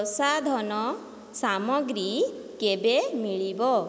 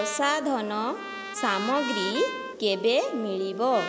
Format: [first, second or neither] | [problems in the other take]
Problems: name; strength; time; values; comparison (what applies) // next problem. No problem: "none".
first | background sound (Trumpet); 9 dB below the speech